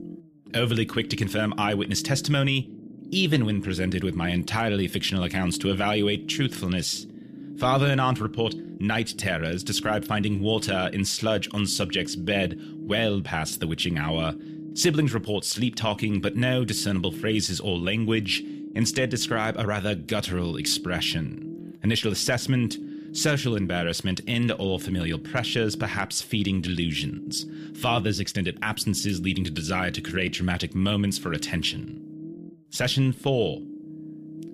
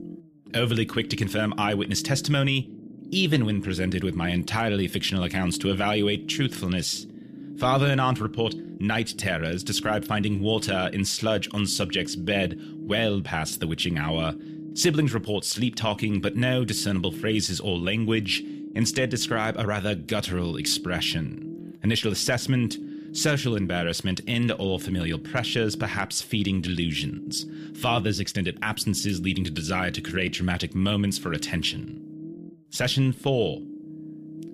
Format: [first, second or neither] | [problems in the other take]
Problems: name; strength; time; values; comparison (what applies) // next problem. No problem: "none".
neither | low rumble; noticeable; throughout; 15 dB below the speech; the same in both